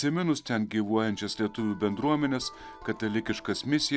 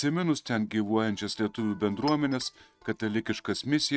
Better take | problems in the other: first | noise reduction (neural mask model RNNoise)

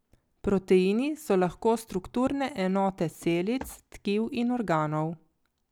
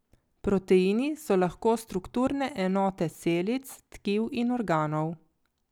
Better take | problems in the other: second | background sound (Walk, footsteps); 19 dB below the speech

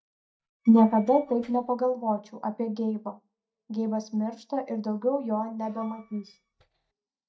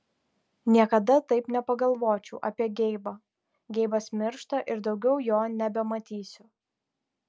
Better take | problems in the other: second | noise reduction (neural mask model DeepFilterNet 3)

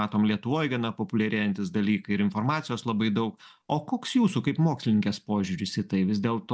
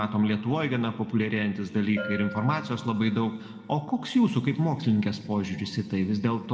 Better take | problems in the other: first | background sound (Bell); 19 dB below the speech // room echo; dies away in 1.8 s

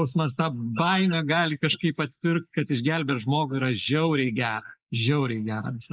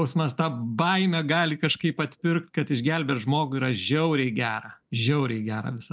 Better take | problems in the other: second | noise reduction (neural mask model Resemble Enhance denoiser)

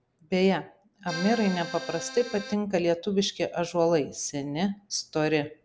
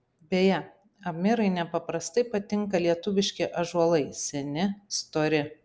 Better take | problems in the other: second | background sound (Accordion); 10 dB below the speech

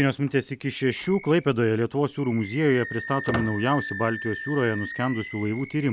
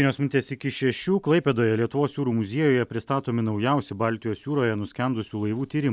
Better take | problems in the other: second | background sound (Squeak + Animal); 11 dB below the speech

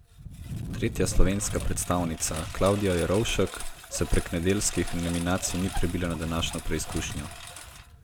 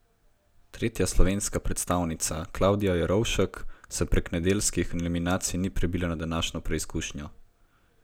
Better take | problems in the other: second | background sound (Engine); 11 dB below the speech

